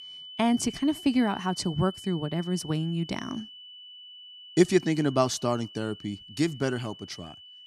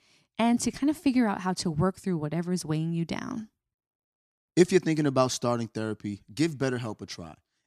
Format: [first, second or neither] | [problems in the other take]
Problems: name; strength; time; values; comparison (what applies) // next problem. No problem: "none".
second | high-pitched whine; noticeable; throughout; 3 kHz, 15 dB below the speech